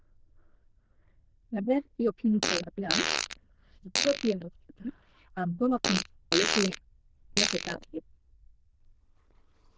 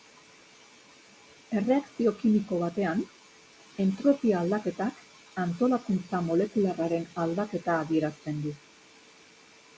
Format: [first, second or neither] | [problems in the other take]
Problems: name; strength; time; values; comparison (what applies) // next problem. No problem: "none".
second | noise reduction (neural diffusion model UNIVERSE++)